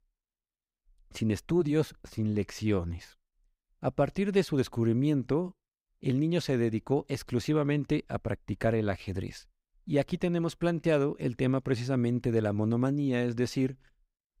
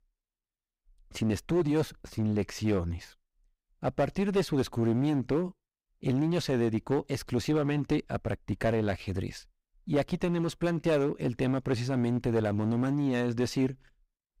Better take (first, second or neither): first